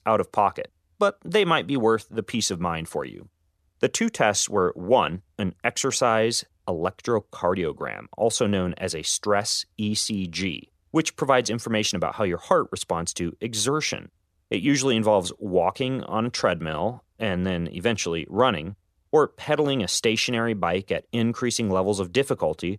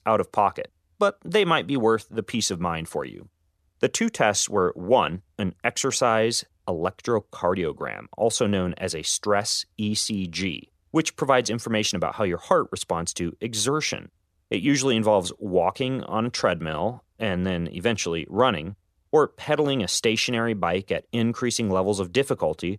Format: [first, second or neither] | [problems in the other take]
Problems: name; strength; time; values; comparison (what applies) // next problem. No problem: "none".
neither | none